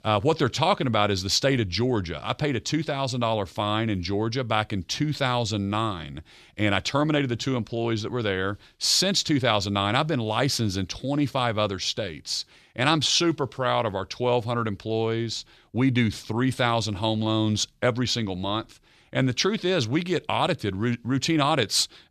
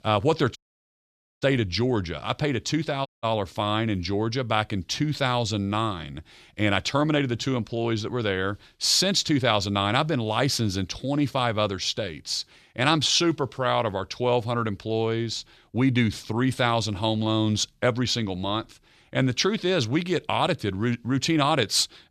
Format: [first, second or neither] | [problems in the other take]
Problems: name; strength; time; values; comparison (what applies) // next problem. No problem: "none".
first | audio cutting out; at 0.5 s for 1 s and at 3 s